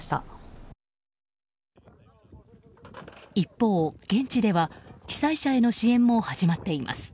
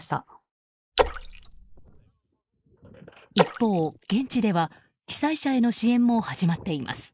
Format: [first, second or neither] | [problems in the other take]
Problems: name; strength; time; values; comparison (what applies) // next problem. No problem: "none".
first | noise reduction (neural mask model Resemble Enhance denoiser)